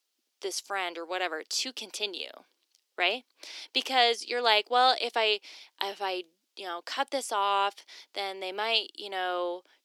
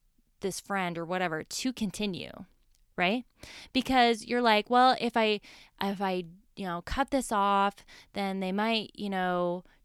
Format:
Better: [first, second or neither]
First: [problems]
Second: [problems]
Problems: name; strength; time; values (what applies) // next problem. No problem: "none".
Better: second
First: thin; very; fading below 350 Hz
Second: none